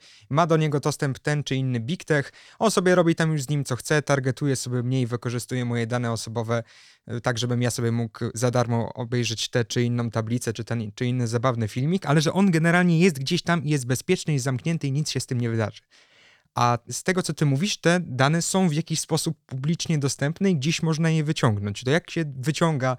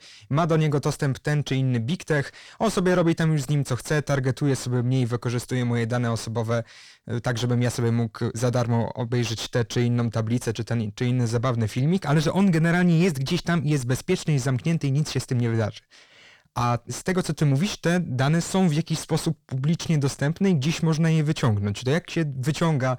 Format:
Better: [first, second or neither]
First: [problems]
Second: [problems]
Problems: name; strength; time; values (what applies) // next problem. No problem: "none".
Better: first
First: none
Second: distortion; slight; 9 dB below the speech